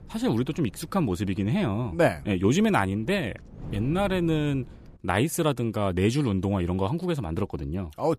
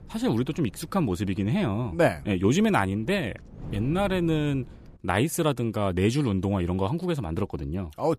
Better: neither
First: wind noise on the microphone; occasional gusts; until 5 s; 25 dB below the speech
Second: wind noise on the microphone; occasional gusts; until 5 s; 25 dB below the speech

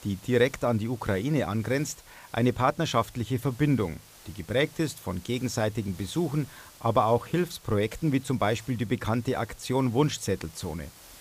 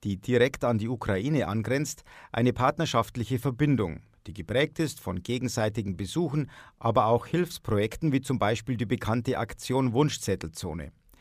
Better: second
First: hiss; faint; throughout; 20 dB below the speech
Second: none

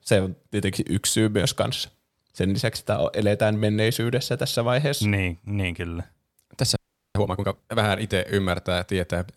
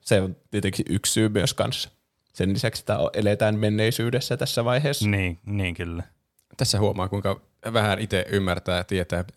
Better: second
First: audio freezing; at 7 s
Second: none

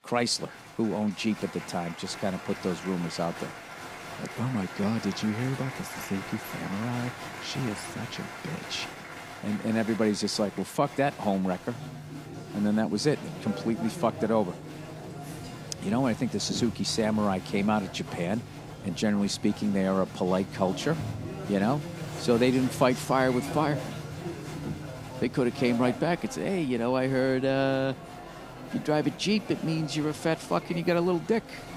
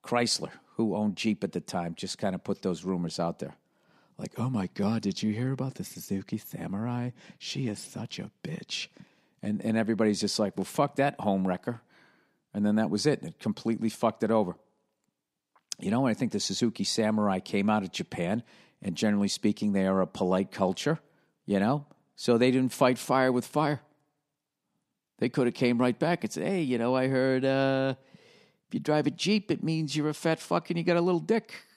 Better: second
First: crowd noise; noticeable; throughout; 10 dB below the speech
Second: none

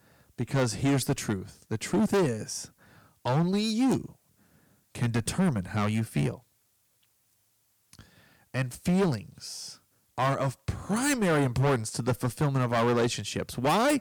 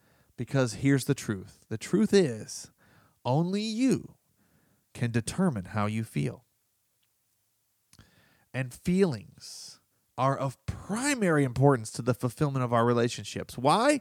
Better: second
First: distortion; heavy; 9% of the sound clipped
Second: none

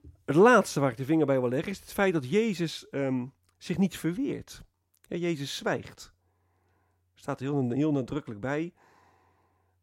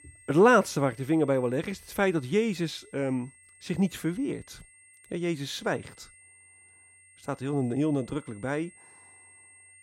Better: first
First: none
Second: high-pitched whine; faint; throughout; 2 kHz, 25 dB below the speech

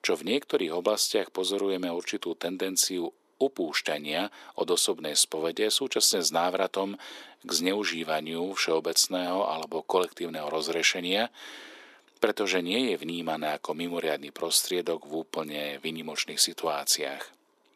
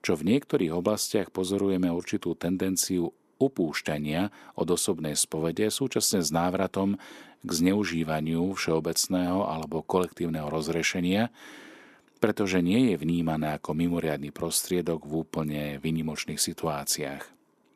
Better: second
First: thin; somewhat; fading below 450 Hz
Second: none

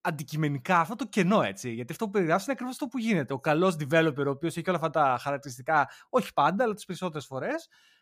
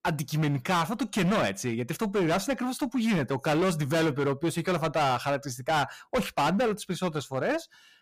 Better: first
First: none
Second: distortion; heavy; 17% of the sound clipped

